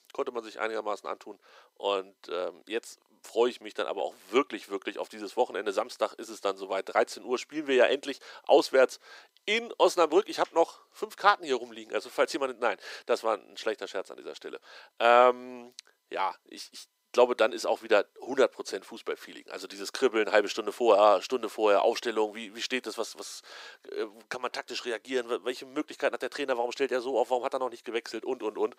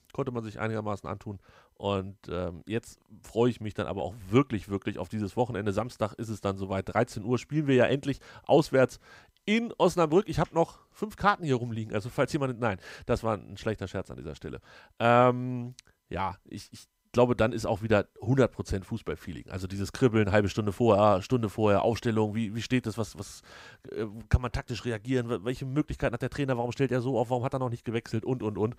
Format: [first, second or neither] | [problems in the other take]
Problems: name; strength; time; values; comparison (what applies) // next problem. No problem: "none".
second | thin; very; fading below 350 Hz